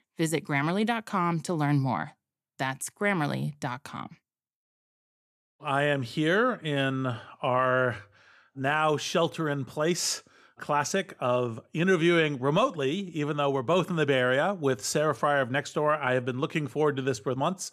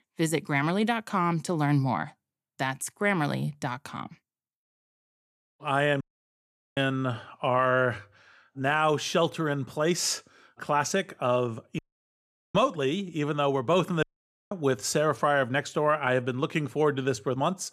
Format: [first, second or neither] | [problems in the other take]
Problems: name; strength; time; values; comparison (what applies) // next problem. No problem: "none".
first | audio cutting out; at 6 s for 1 s, at 12 s for 1 s and at 14 s